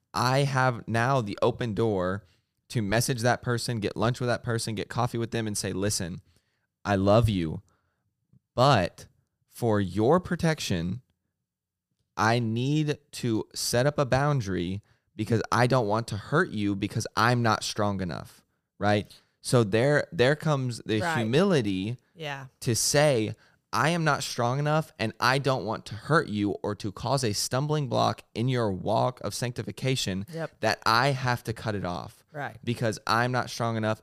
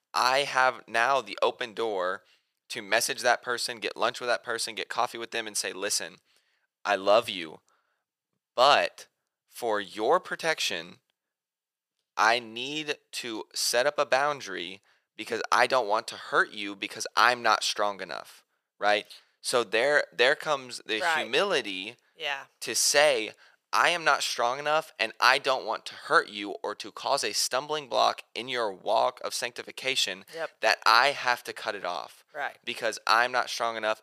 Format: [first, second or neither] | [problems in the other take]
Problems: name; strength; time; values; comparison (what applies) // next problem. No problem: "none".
first | thin; very; fading below 600 Hz